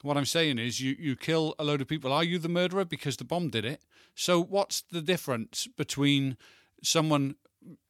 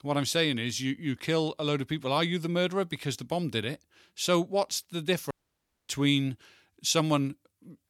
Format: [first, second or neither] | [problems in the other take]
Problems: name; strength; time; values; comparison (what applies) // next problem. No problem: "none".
first | audio cutting out; at 5.5 s for 0.5 s